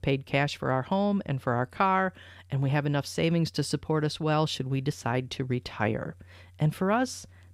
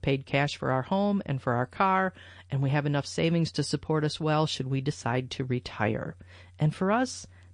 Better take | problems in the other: first | garbled, watery; slightly; nothing above 9 kHz

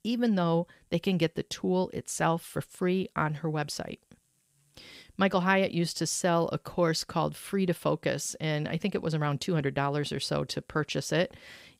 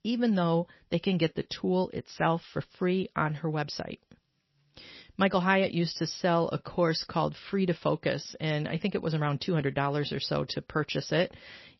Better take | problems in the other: first | garbled, watery; slightly; nothing above 5.5 kHz

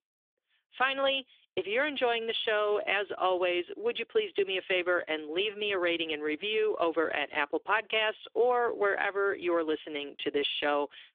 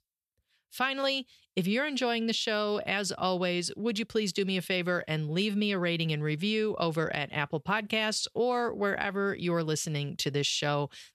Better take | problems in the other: second | phone-call audio; nothing above 3.5 kHz

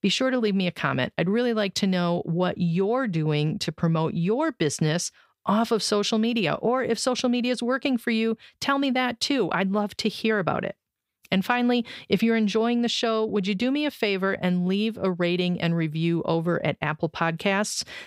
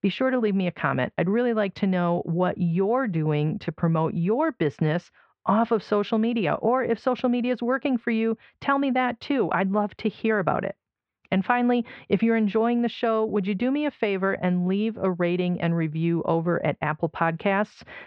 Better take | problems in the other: first | muffled; very; fading above 2.5 kHz

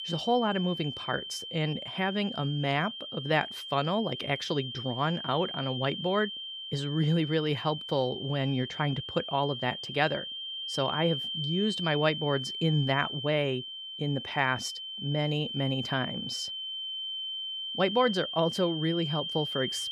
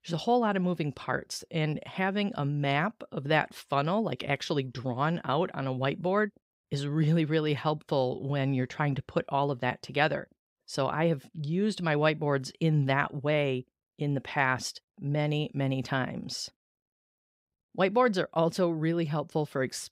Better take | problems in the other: second | high-pitched whine; loud; throughout; 3 kHz, 5 dB below the speech

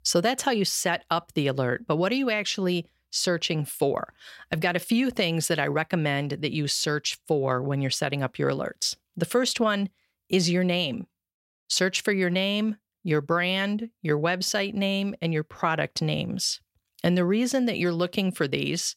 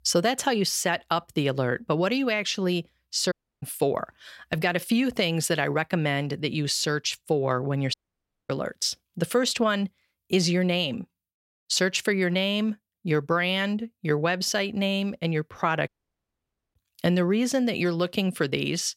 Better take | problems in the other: first | audio cutting out; at 3.5 s, at 8 s for 0.5 s and at 16 s for 1 s

